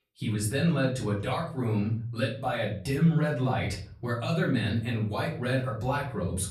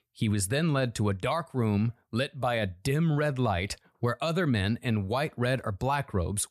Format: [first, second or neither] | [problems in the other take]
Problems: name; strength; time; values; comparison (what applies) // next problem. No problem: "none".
second | room echo; slight; dies away in 0.5 s // off-mic speech; far